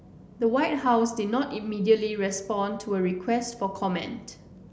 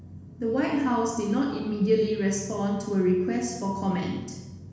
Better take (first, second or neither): first